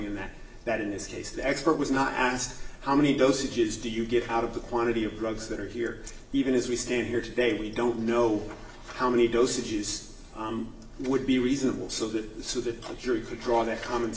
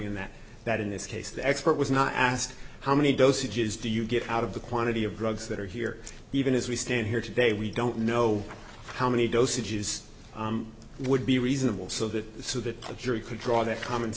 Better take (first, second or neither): second